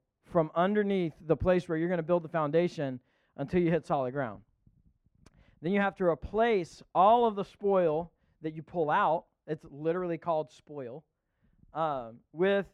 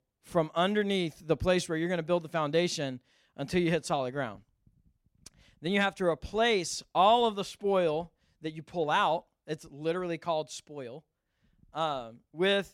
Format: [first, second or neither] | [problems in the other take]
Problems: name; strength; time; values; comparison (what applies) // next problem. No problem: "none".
second | muffled; very; fading above 3 kHz